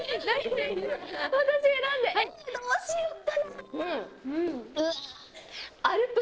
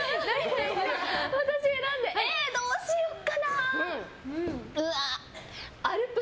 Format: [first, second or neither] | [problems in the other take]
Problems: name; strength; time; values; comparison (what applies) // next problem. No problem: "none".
second | noise reduction (neural separator model SepFormer DNS4)